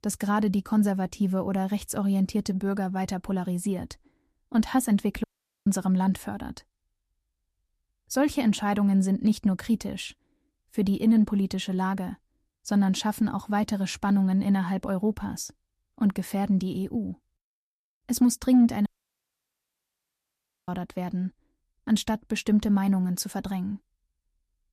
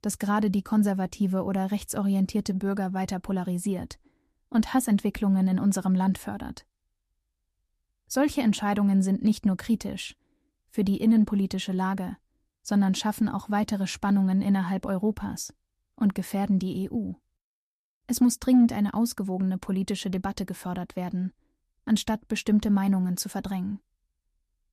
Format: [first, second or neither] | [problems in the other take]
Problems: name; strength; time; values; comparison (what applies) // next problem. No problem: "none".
second | audio cutting out; at 5 s and at 19 s for 2 s